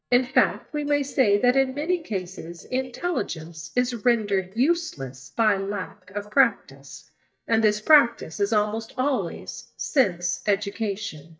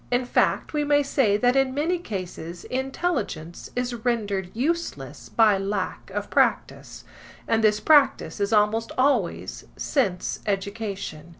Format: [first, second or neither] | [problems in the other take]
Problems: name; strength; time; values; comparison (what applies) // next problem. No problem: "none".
second | noise reduction (neural mask model DeepFilterNet 3)